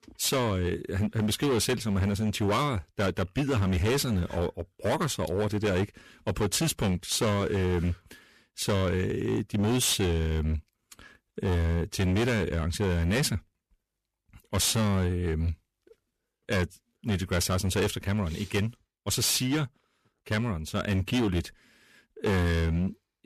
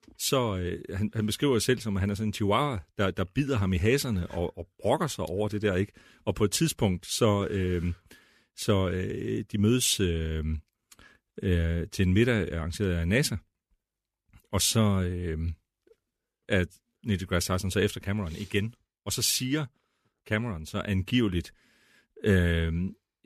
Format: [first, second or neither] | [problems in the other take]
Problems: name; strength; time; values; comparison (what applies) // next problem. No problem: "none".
second | distortion; heavy; 16% of the sound clipped